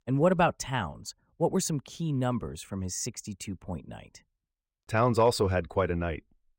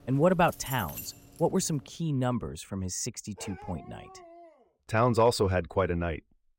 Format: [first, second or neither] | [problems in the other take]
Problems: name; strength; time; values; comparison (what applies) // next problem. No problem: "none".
first | jangling keys; noticeable; until 2 s; peak 10 dB below the speech // dog barking; faint; from 3.5 to 4.5 s; peak 15 dB below the speech